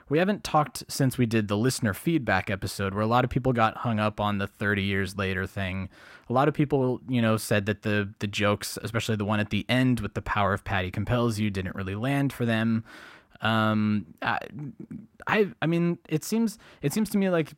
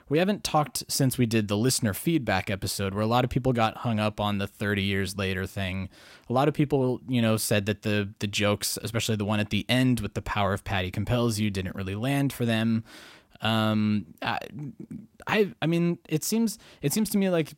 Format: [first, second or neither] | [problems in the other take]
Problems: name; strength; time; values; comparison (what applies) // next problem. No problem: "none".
second | muffled; very slightly; fading above 3 kHz